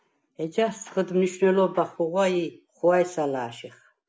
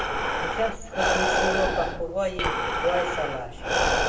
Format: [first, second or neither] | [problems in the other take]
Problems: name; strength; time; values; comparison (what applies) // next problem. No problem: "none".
first | background sound (Breathing); 4 dB above the speech // room echo; dies away in 1.3 s